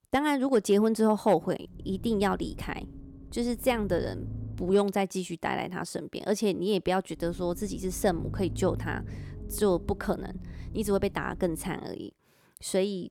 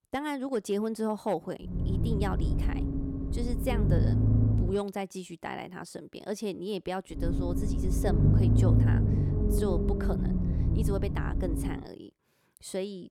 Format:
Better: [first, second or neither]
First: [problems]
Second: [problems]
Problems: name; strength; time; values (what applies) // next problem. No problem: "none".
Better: first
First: low rumble; faint; from 1.5 to 4.5 s and from 7 to 12 s; 20 dB below the speech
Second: low rumble; loud; from 1.5 to 4.5 s and from 7 to 12 s; 1 dB below the speech